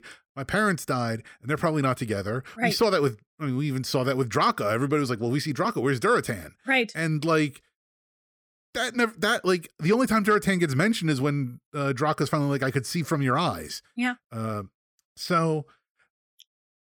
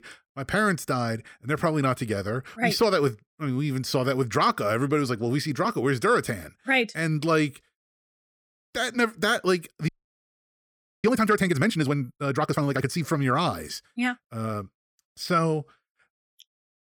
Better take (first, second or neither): first